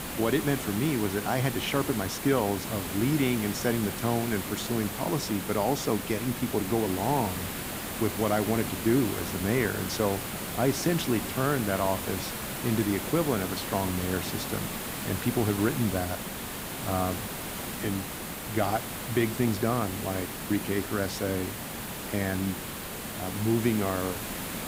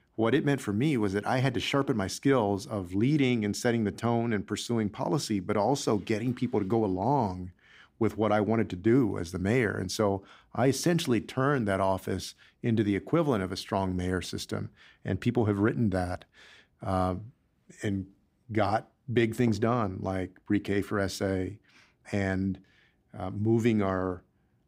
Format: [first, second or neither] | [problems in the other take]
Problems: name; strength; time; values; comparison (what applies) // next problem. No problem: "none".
second | hiss; loud; throughout; 5 dB below the speech